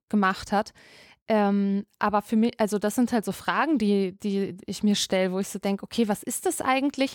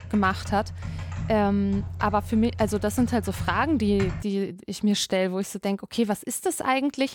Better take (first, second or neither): first